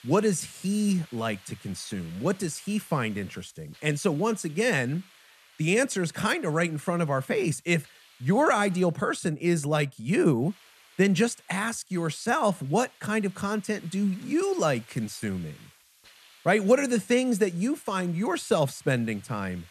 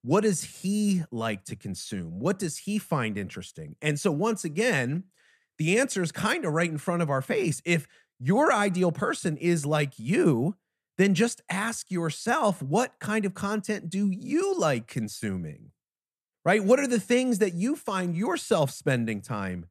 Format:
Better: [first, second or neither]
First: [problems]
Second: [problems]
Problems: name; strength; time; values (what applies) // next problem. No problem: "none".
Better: second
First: hiss; faint; until 9 s and from 10 s on; 25 dB below the speech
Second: none